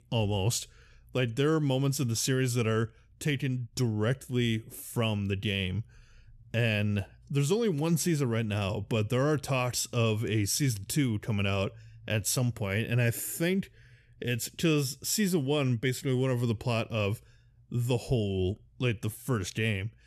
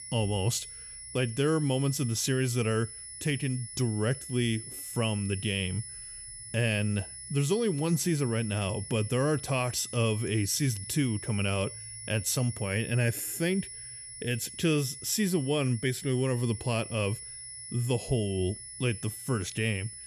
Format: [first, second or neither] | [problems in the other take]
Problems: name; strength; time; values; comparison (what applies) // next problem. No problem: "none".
first | high-pitched whine; noticeable; throughout; 10 kHz, 10 dB below the speech